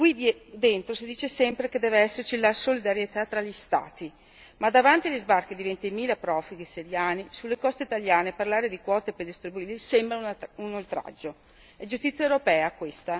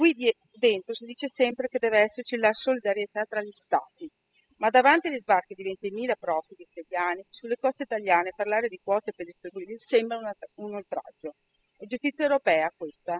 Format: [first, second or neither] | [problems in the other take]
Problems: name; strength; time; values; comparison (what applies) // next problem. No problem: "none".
first | noise reduction (classical method spectral subtraction)